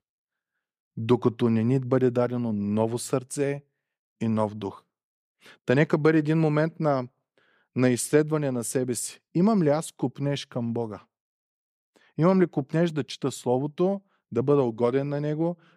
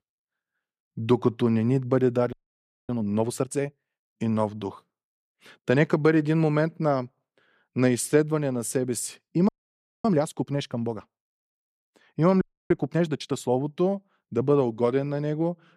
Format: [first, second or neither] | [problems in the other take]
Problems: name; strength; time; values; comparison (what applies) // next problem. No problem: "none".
first | audio freezing; at 2.5 s for 0.5 s, at 9.5 s for 0.5 s and at 12 s